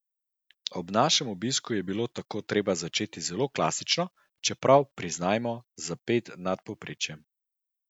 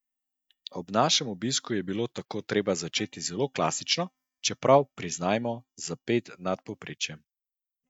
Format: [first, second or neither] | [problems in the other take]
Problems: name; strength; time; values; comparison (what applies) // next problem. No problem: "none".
first | noise reduction (neural mask model DeepFilterNet 3)